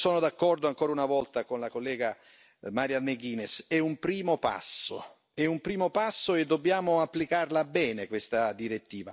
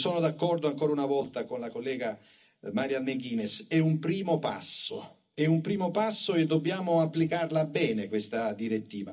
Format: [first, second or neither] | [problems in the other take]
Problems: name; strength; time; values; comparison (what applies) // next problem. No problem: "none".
first | room echo; dies away in 0.4 s